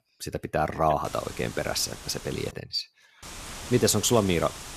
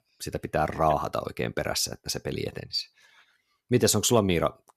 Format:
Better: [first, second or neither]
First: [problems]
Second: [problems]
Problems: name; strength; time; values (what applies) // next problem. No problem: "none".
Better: second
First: wind noise on the microphone; occasional gusts; from 1 to 2.5 s and from 3 s on; 15 dB below the speech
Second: none